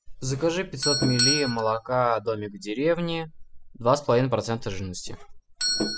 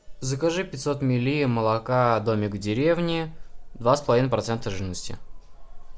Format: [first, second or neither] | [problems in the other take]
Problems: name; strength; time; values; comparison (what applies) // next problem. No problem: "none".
second | noise reduction (classical method spectral subtraction)